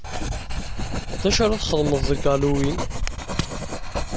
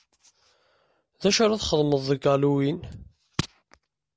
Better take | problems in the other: second | background sound (Writing); 1 dB below the speech

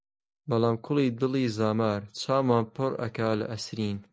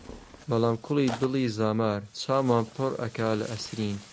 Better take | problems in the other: first | background sound (Tearing); 18 dB below the speech

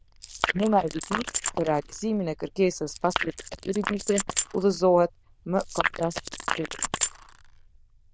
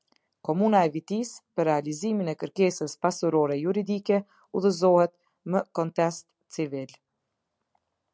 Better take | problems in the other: second | noise reduction (neural diffusion model UNIVERSE++)

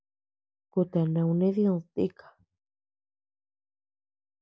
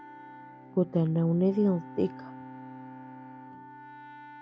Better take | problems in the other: first | background sound (Wind instrument, woodwind instrument + Bowed string instrument); 15 dB below the speech

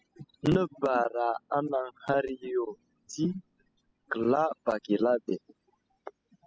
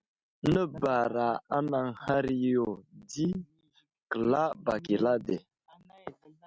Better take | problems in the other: second | noise reduction (classical method spectral subtraction)

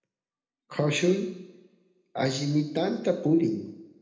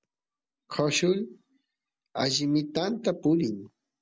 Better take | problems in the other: second | room echo; dies away in 0.9 s

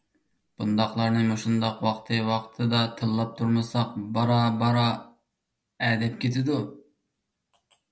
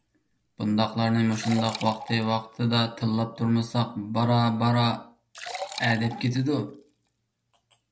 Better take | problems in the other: first | background sound (Liquid); 16 dB below the speech

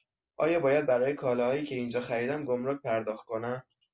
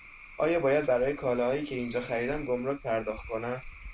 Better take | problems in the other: first | background sound (Cricket / Frog); 16 dB below the speech

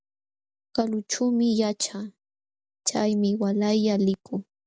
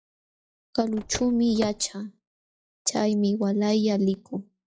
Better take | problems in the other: first | noise reduction (classical method log-MMSE)

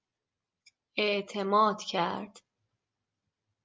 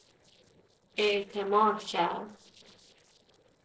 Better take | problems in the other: first | noise reduction (neural separator model SepFormer DNS4)

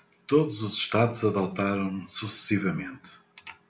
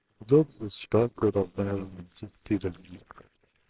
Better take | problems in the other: first | noise reduction (neural separator model SepFormer WHAMR!)

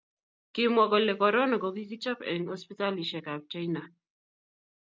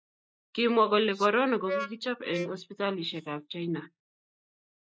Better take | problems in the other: first | noise reduction (neural mask model Resemble Enhance denoiser)

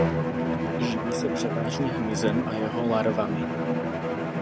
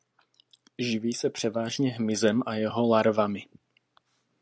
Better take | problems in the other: second | background sound (Bowed string instrument); 3 dB above the speech

